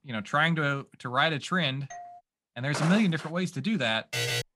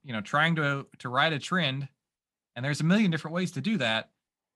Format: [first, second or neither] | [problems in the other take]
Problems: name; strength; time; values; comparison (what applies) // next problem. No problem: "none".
second | doorbell; faint; at 2 s; peak 15 dB below the speech // footsteps; noticeable; at 2.5 s; peak 6 dB below the speech // alarm; noticeable; at 4 s; peak 1 dB below the speech